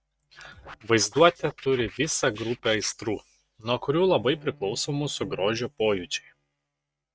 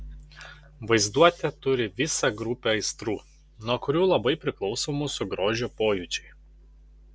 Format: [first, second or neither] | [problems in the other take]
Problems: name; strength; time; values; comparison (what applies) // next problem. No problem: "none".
second | noise reduction (neural mask model RNNoise)